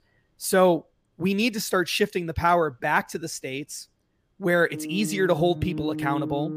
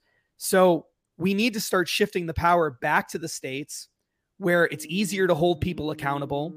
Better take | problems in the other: second | background music; loud; throughout; 8 dB below the speech; faint in the second

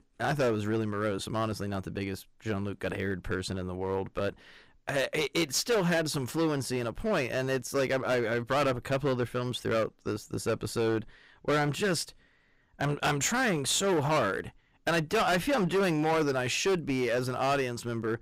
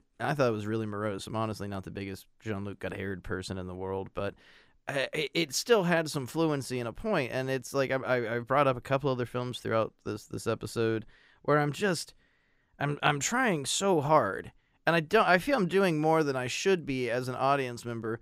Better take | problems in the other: second | distortion; heavy; 11% of the sound clipped

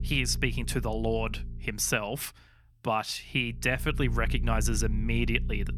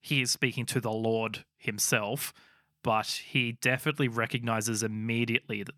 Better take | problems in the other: second | low rumble; noticeable; throughout; 20 dB below the speech

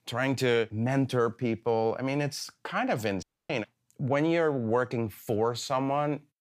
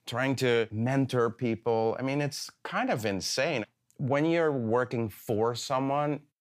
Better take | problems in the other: second | audio cutting out; at 3 s

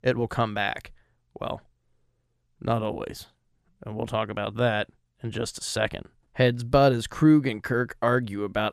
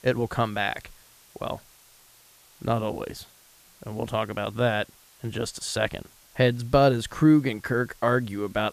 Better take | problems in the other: first | hiss; faint; throughout; 25 dB below the speech

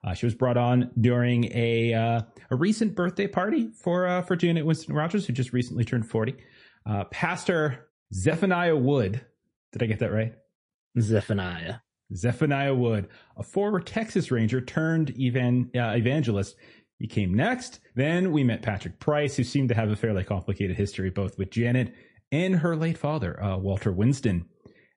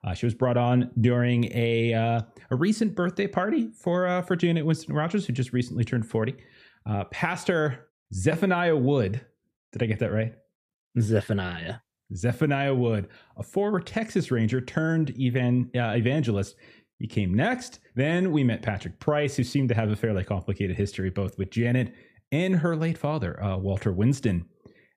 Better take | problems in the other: second | garbled, watery; slightly; nothing above 10.5 kHz

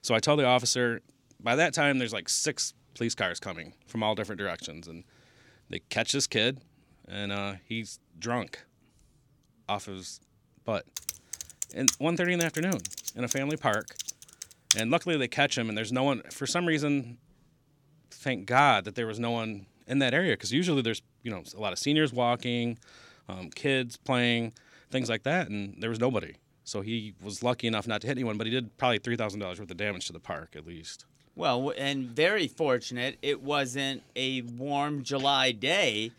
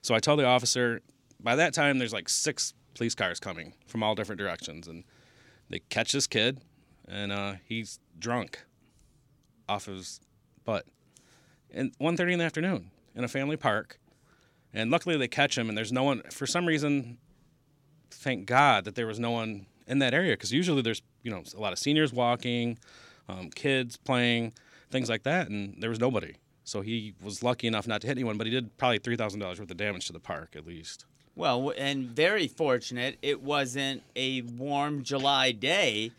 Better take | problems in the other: second | keyboard typing; loud; from 11 to 15 s; peak 3 dB above the speech

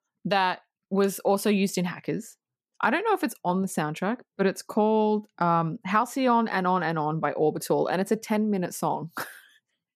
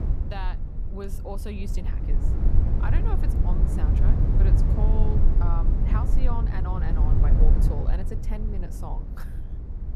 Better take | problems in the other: first | low rumble; loud; throughout; 1 dB below the speech

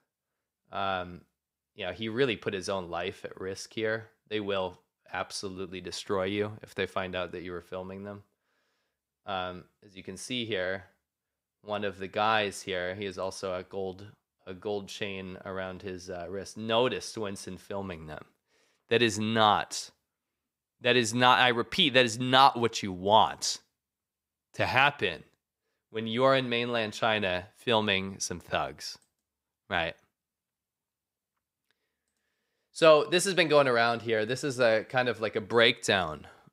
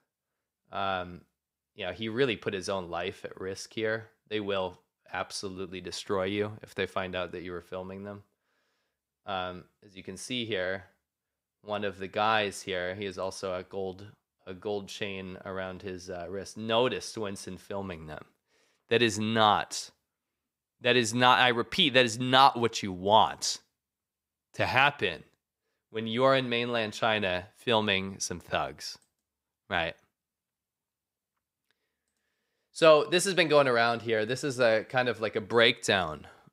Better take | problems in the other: neither | none

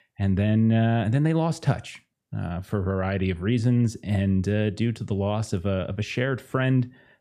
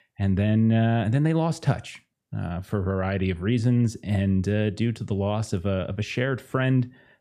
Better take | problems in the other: neither | none

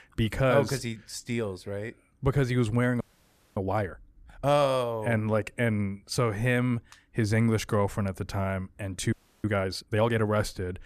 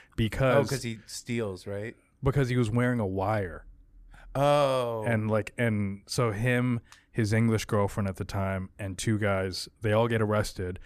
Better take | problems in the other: second | audio freezing; at 3 s for 0.5 s and at 9 s

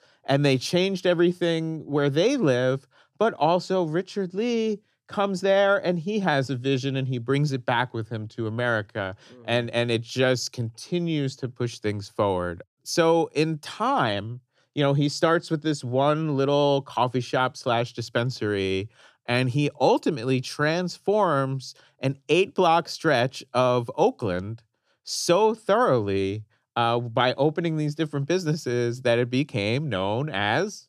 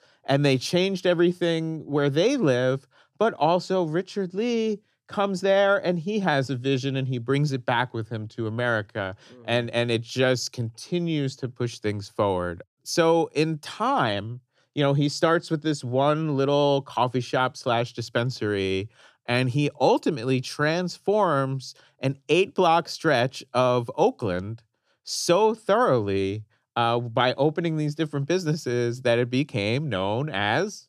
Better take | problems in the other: neither | none

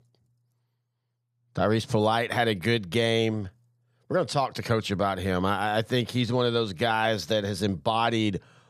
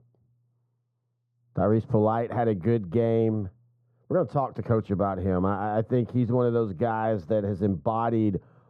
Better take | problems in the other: first | muffled; very; fading above 1.5 kHz

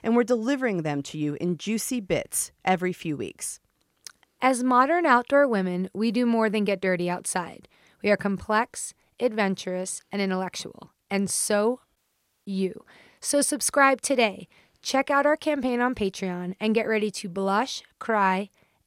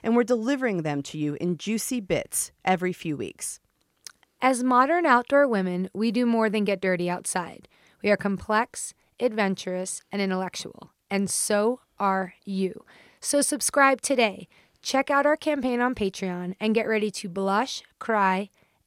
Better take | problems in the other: second | audio cutting out; at 12 s for 0.5 s

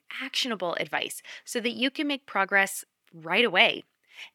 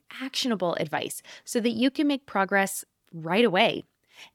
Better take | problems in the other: second | thin; very slightly; fading below 350 Hz

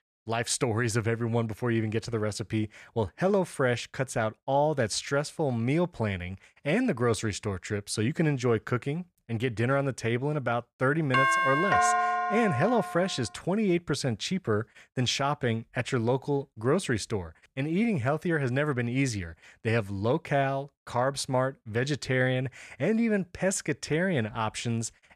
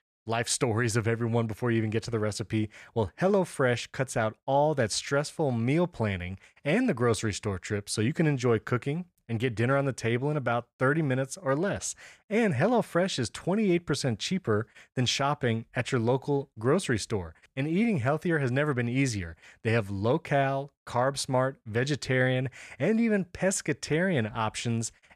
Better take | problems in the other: second | doorbell; loud; from 11 to 13 s; peak 5 dB above the speech

